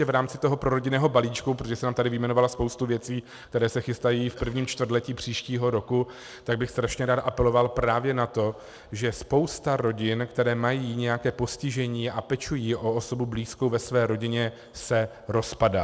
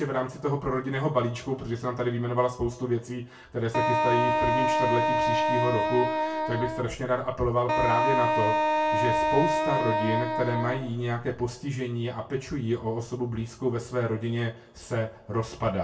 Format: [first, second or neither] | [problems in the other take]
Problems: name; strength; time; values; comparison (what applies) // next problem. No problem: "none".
first | background sound (Wind instrument, woodwind instrument); 3 dB above the speech // room echo; dies away in 0.2 s